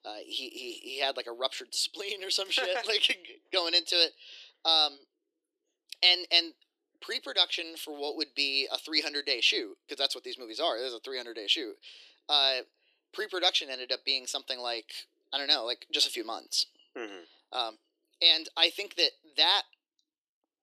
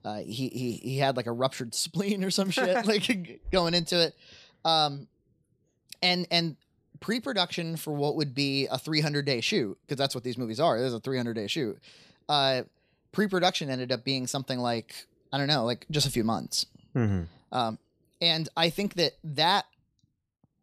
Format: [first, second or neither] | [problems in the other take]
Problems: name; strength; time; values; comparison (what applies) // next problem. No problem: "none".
second | thin; very; fading below 300 Hz